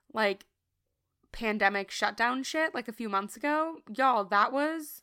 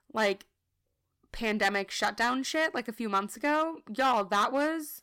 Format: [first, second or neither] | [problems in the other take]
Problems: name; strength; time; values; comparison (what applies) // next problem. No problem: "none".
first | distortion; slight; 4% of the sound clipped